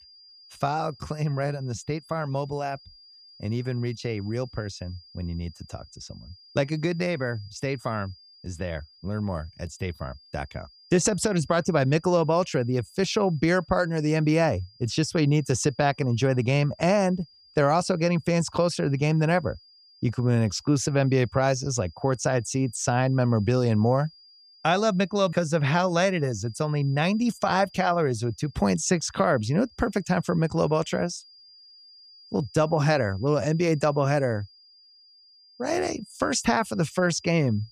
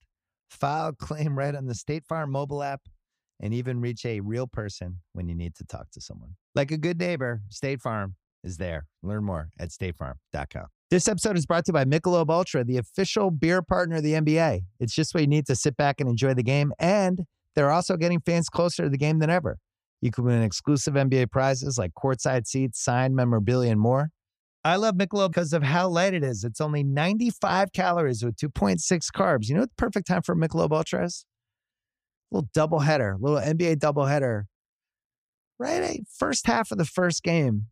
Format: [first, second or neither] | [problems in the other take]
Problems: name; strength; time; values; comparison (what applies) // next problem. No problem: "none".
second | high-pitched whine; faint; throughout; 5 kHz, 25 dB below the speech